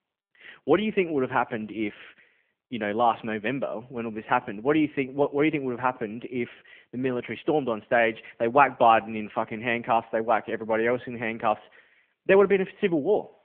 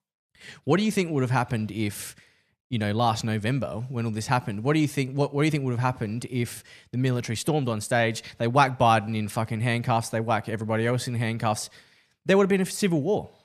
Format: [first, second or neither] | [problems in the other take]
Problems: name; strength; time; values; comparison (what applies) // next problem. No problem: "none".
second | phone-call audio